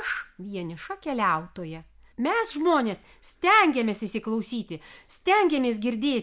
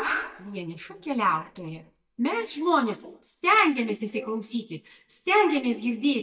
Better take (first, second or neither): first